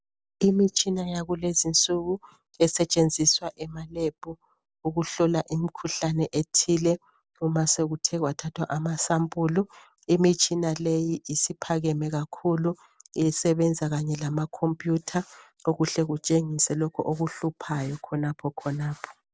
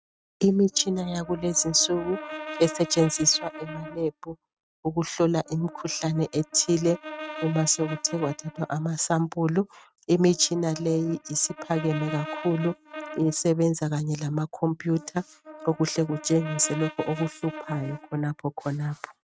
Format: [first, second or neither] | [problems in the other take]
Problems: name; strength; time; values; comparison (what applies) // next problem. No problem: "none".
first | noise reduction (neural mask model RNNoise)